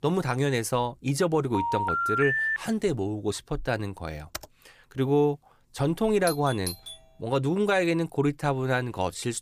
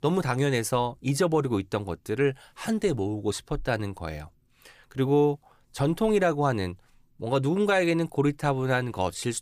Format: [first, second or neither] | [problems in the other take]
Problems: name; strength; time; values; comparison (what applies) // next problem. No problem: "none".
second | phone ringing; loud; from 1.5 to 2.5 s; peak 3 dB above the speech // keyboard typing; faint; at 4.5 s; peak 15 dB below the speech // doorbell; noticeable; at 6.5 s; peak 8 dB below the speech